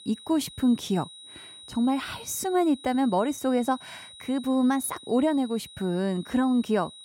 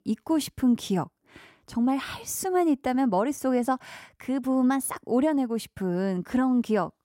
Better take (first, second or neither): second